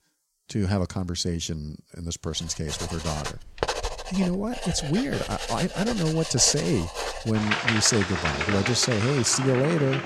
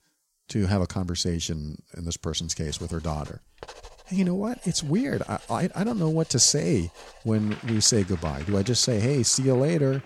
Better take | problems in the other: second | household noises; loud; from 2.5 s on; 5 dB below the speech; faint in the second

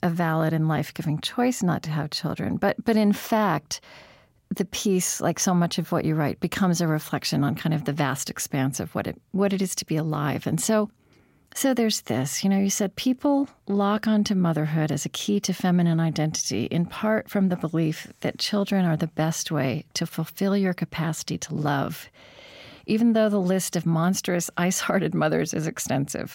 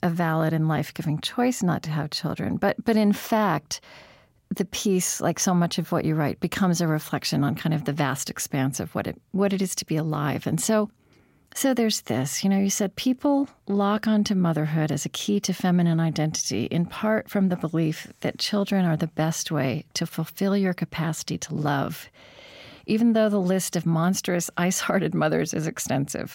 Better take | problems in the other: neither | none

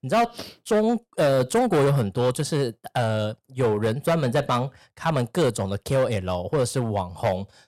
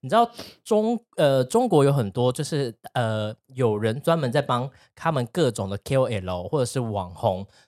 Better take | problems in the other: second | distortion; slight; 8% of the sound clipped

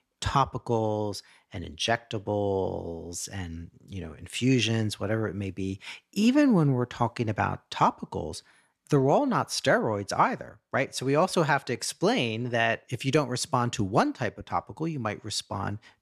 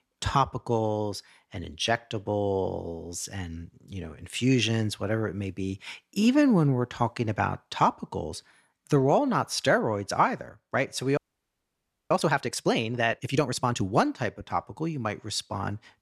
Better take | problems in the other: first | audio freezing; at 11 s for 1 s

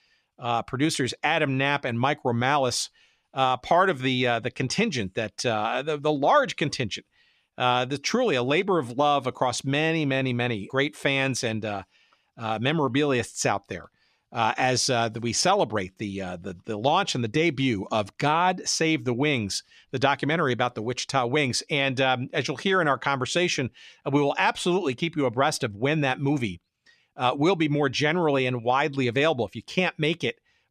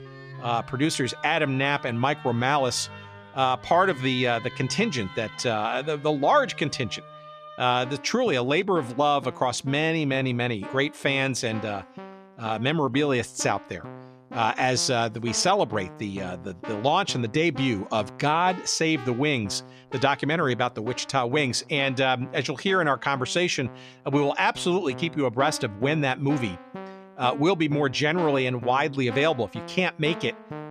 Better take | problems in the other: first | background music; noticeable; throughout; 15 dB below the speech

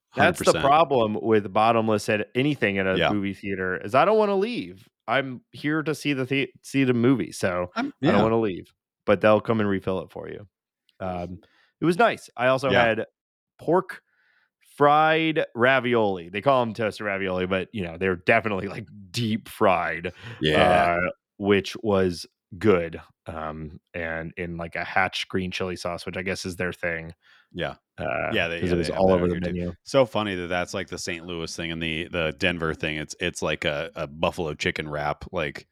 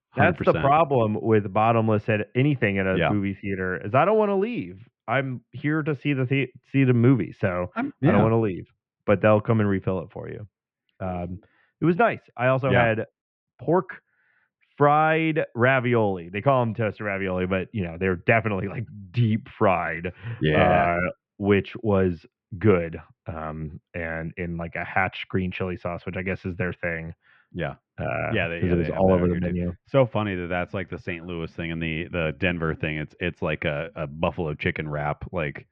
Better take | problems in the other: first | muffled; very; fading above 2.5 kHz

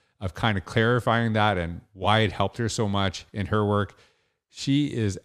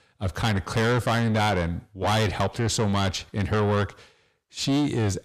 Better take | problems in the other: first | distortion; heavy; 6 dB below the speech

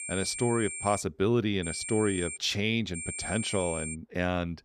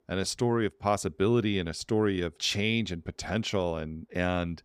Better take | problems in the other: second | high-pitched whine; loud; until 1 s, at 1.5 s and at 3 s; 8.5 kHz, 6 dB below the speech

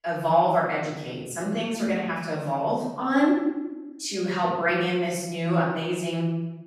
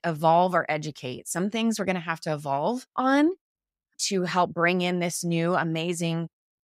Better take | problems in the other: second | off-mic speech; far // room echo; noticeable; dies away in 1 s

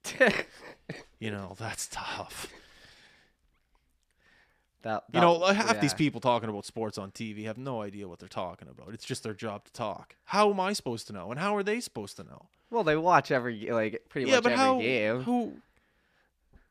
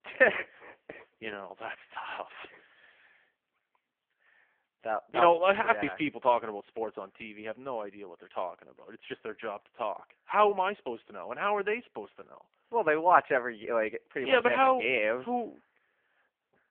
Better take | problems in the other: first | phone-call audio; poor line

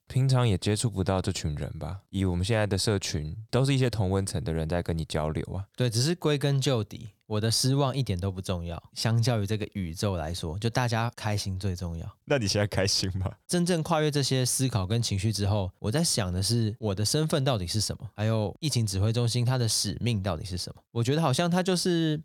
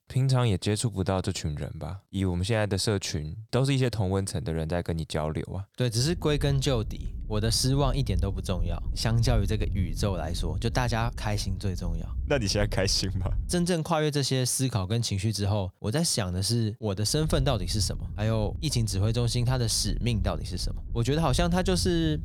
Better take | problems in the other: first | low rumble; faint; from 6 to 14 s and from 17 s on; 20 dB below the speech

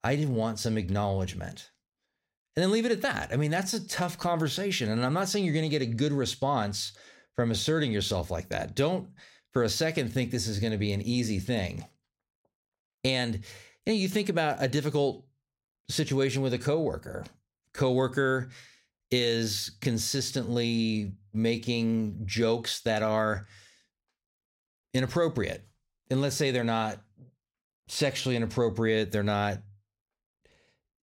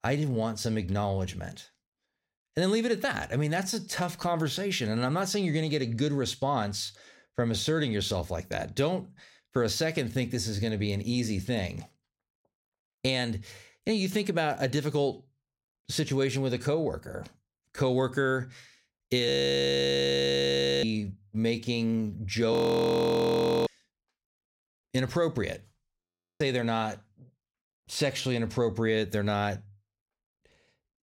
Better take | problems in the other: first | audio freezing; at 19 s for 1.5 s, at 23 s for 1 s and at 26 s

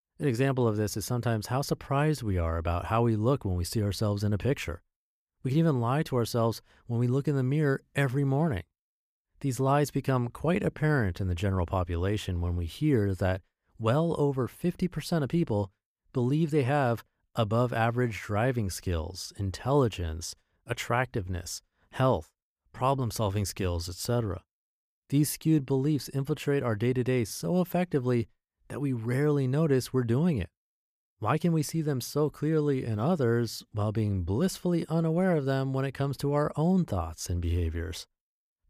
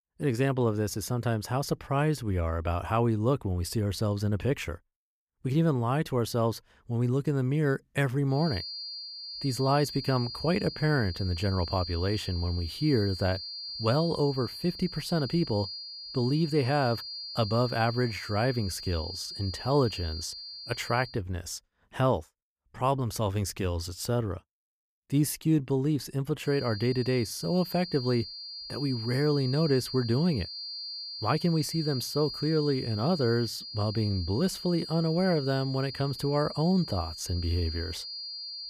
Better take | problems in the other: first | high-pitched whine; loud; from 8.5 to 21 s and from 26 s on; 4.5 kHz, 9 dB below the speech

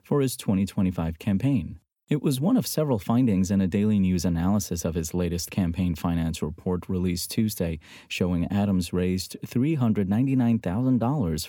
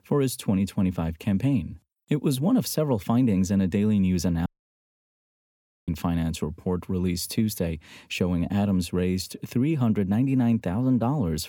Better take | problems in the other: first | audio cutting out; at 4.5 s for 1.5 s

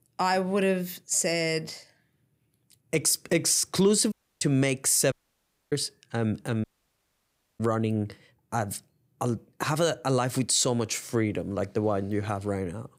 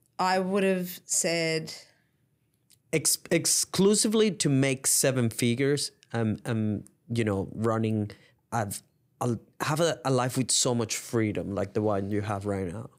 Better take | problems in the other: second | audio cutting out; at 4 s, at 5 s for 0.5 s and at 6.5 s for 1 s

